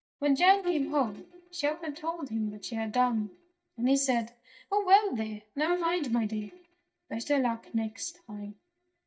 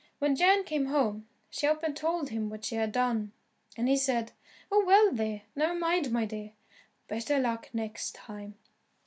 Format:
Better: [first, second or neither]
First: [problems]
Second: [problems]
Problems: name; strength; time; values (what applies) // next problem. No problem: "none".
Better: second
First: noise reduction (neural mask model DeepFilterNet 3)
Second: none